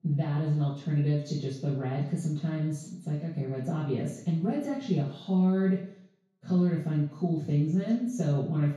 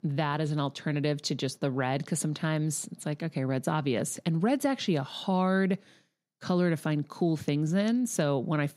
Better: second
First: room echo; noticeable; dies away in 0.6 s // off-mic speech; far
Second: none

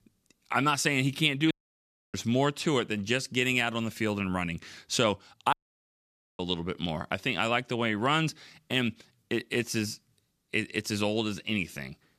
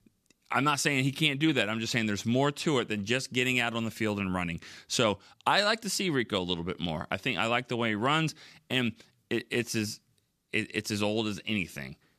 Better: second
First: audio cutting out; at 1.5 s for 0.5 s and at 5.5 s for 1 s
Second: none

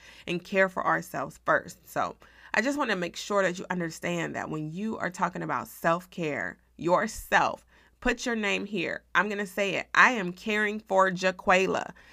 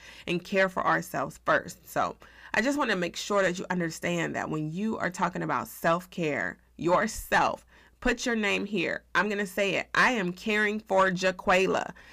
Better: first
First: none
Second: distortion; slight; 10 dB below the speech

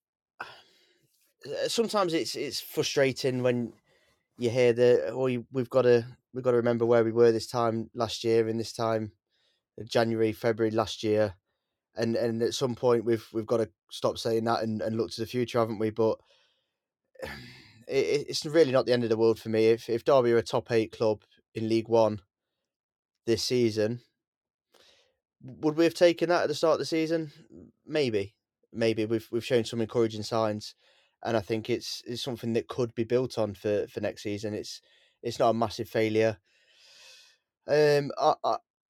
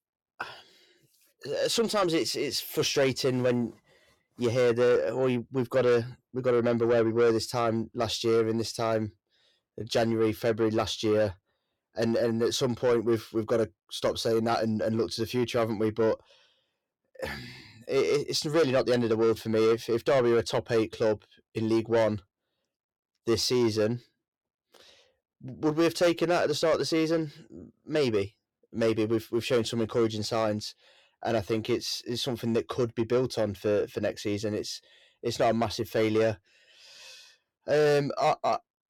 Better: first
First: none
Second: distortion; slight; 10 dB below the speech

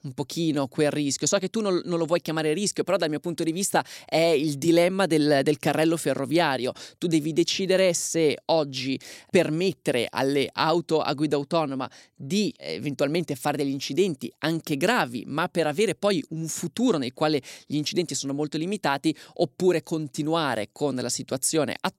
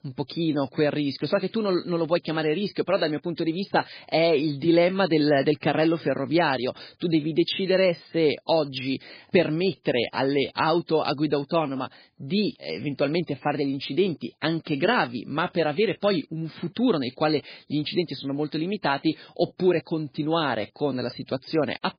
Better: first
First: none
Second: garbled, watery; badly; nothing above 4.5 kHz

